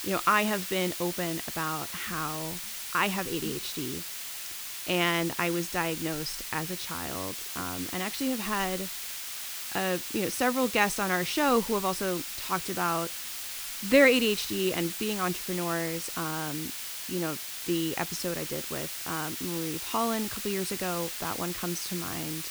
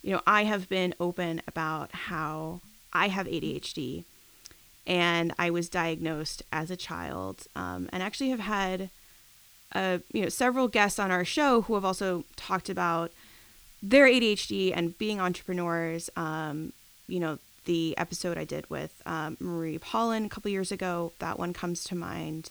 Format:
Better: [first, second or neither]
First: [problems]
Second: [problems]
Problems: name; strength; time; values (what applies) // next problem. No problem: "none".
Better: second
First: hiss; loud; throughout; 4 dB below the speech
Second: hiss; faint; throughout; 25 dB below the speech